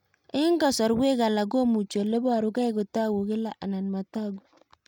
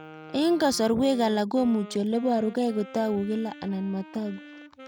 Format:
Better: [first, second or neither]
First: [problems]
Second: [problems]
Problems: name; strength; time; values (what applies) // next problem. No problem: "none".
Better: first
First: none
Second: background sound (Wind instrument, woodwind instrument); 18 dB below the speech